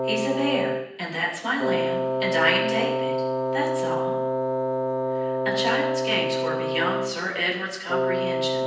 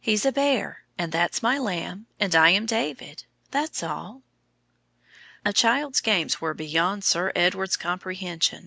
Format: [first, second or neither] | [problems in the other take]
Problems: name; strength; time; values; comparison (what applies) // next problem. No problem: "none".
second | background sound (Wind instrument, woodwind instrument); 2 dB above the speech // room echo; dies away in 0.9 s